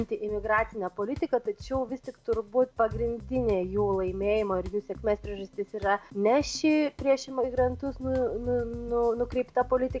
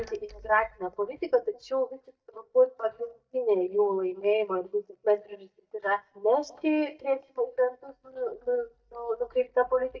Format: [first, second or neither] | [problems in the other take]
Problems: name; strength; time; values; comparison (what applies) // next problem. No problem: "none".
first | noise reduction (neural mask model DeepFilterNet 3)